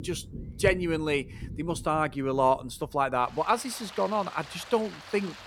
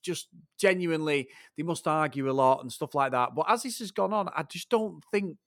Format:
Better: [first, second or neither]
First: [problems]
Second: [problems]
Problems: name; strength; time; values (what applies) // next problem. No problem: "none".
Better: second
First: rain or running water; noticeable; throughout; 15 dB below the speech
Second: none